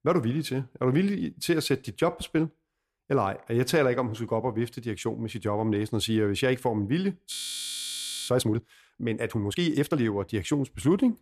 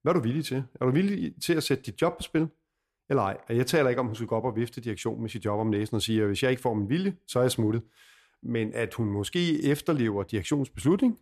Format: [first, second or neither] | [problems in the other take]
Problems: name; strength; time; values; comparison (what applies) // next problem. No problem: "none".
second | audio freezing; at 7.5 s for 1 s